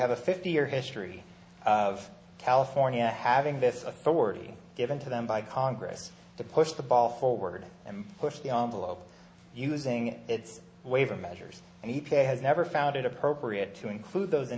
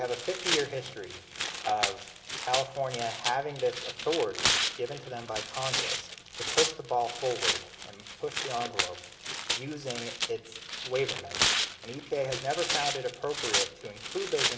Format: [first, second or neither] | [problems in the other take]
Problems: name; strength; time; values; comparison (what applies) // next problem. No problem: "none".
first | background sound (Tearing); 1 dB above the speech // room echo; dies away in 2.2 s